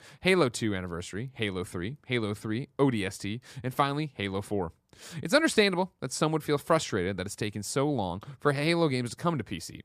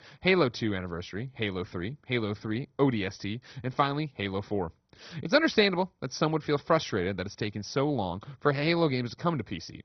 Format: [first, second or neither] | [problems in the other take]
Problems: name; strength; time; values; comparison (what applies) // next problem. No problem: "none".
first | garbled, watery; badly; nothing above 6 kHz